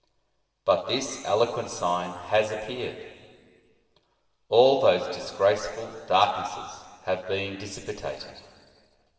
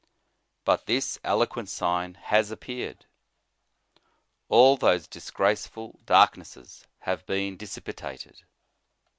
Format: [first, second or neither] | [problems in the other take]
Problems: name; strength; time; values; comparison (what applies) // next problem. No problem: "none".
second | room echo; dies away in 2.1 s